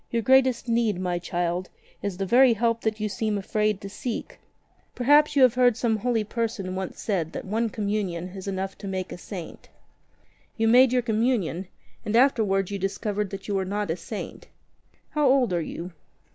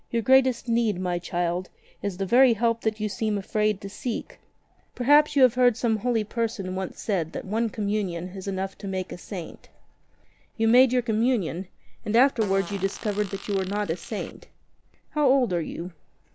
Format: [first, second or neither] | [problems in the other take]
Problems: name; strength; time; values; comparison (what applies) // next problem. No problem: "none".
first | background sound (Fart); 17 dB below the speech